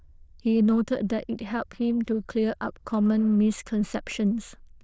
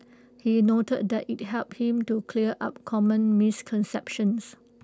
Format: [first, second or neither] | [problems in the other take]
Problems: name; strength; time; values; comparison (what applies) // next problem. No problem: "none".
second | noise reduction (neural diffusion model UNIVERSE++)